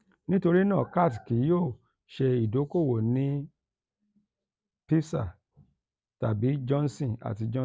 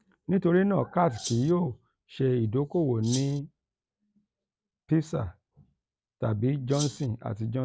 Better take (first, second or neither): first